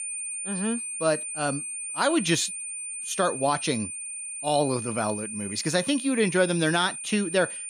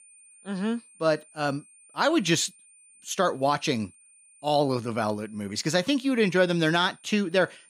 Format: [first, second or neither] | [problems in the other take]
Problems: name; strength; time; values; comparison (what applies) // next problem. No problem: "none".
second | high-pitched whine; loud; throughout; 9 kHz, 6 dB below the speech; faint in the second